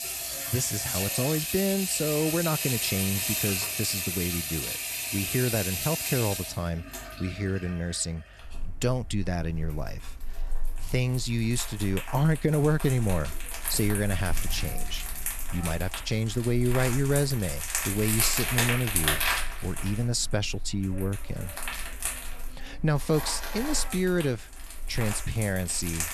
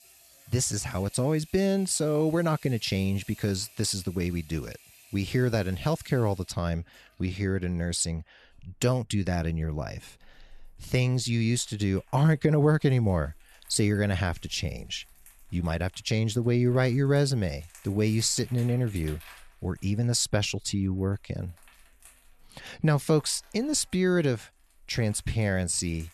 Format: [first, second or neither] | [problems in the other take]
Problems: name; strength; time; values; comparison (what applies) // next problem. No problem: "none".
second | household noises; loud; throughout; 2 dB below the speech; faint in the second